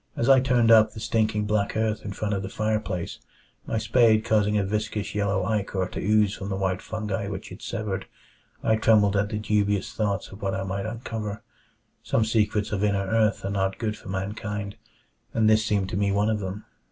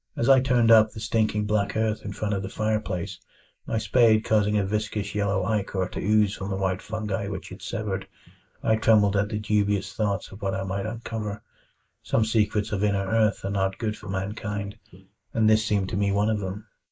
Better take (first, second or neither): first